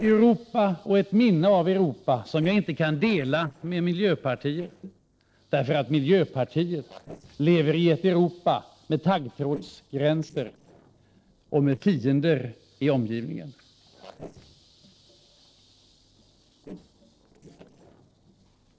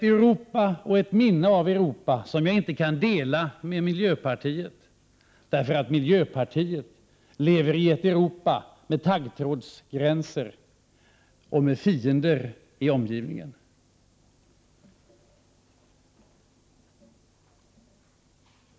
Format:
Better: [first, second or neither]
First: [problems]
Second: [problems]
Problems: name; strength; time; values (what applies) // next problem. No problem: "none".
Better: second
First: noise reduction (neural separator model SepFormer DNS4)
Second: none